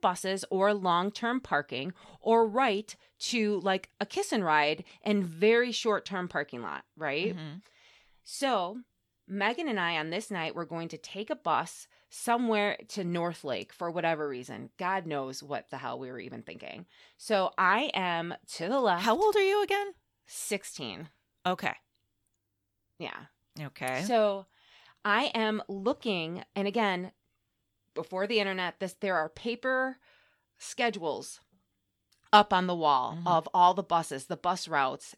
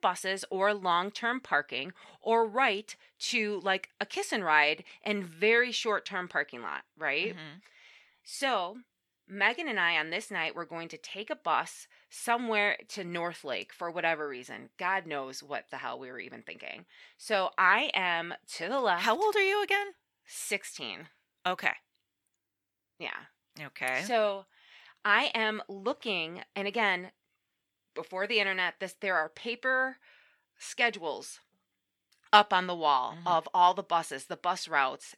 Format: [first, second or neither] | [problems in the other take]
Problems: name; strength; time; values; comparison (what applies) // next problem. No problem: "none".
first | thin; very slightly; fading below 700 Hz